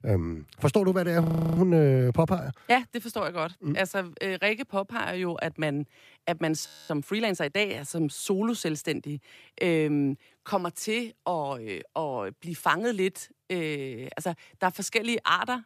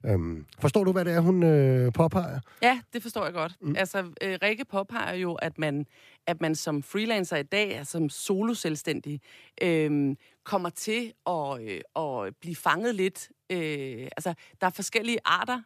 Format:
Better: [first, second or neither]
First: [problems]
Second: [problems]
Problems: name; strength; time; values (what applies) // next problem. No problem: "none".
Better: second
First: audio freezing; at 1 s and at 6.5 s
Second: none